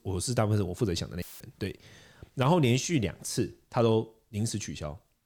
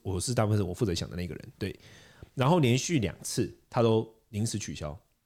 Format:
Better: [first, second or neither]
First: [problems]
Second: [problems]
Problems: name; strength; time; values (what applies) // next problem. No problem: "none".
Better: second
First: audio cutting out; filled with static; at 1 s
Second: none